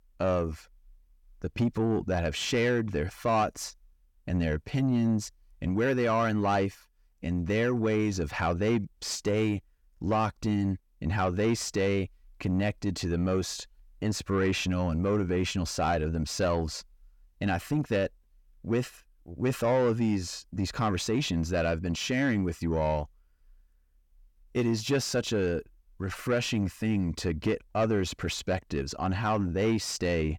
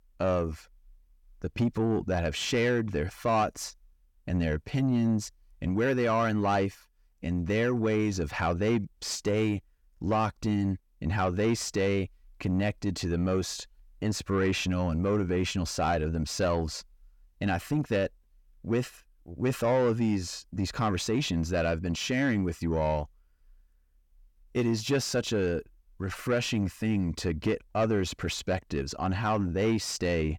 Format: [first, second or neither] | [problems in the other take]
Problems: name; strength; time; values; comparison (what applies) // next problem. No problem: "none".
neither | distortion; slight; 10 dB below the speech; the same in both